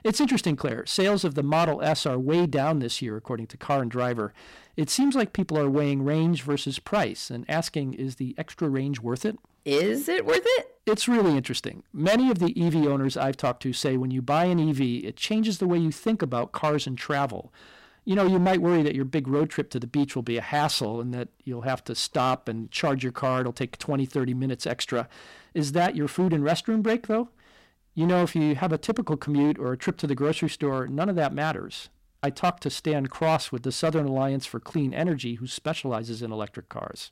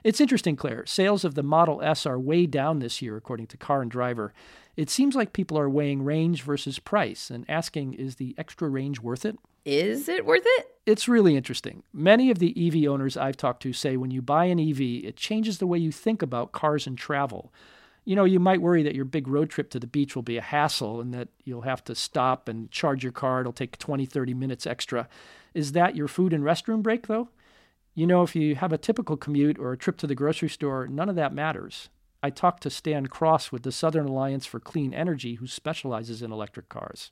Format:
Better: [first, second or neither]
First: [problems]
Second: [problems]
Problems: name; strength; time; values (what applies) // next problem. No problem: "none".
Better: second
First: distortion; slight; 7% of the sound clipped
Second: none